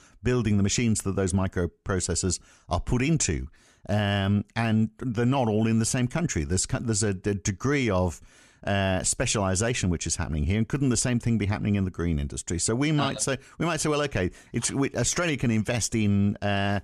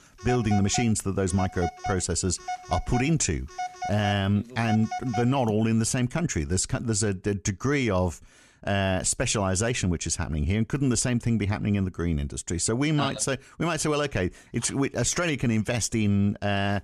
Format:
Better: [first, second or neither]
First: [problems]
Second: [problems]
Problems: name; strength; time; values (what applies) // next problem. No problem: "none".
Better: first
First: none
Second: phone ringing; noticeable; until 5.5 s; peak 7 dB below the speech